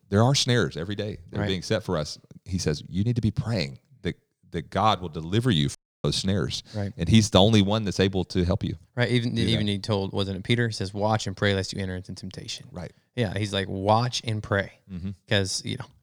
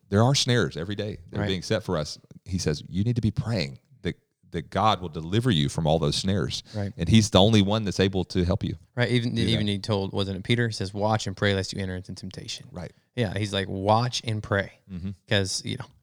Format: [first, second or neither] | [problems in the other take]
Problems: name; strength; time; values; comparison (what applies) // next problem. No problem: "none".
second | audio cutting out; at 6 s